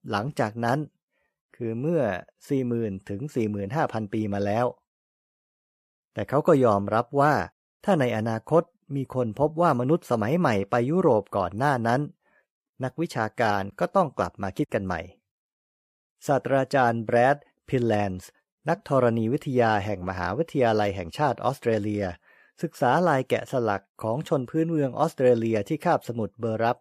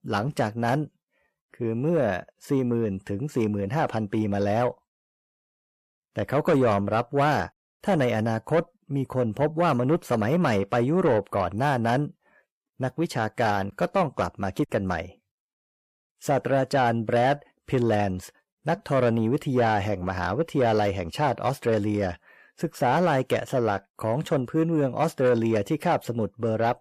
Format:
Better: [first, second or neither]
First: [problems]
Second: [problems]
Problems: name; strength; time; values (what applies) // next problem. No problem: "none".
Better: first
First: none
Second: distortion; slight; 10 dB below the speech